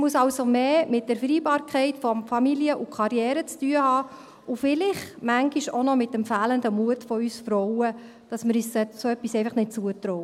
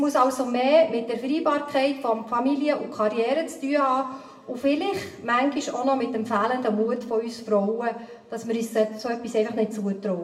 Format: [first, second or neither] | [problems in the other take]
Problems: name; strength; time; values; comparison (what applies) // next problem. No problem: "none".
first | room echo; dies away in 0.7 s